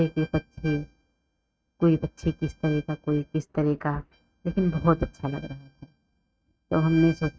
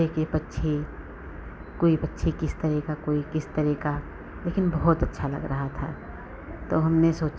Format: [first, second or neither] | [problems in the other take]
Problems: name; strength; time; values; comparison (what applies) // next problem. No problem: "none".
second | noise reduction (neural mask model RNNoise)